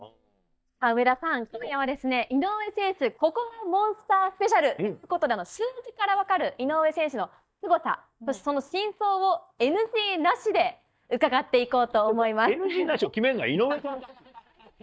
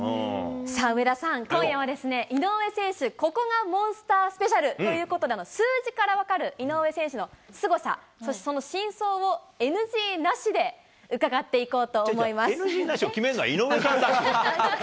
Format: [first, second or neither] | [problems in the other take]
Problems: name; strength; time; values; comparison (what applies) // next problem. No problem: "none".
second | noise reduction (neural mask model DeepFilterNet 3)